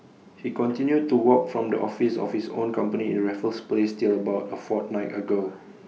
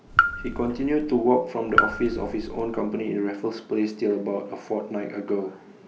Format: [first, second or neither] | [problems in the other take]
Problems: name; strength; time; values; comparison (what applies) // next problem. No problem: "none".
first | background sound (Raindrop / Drip); 1 dB below the speech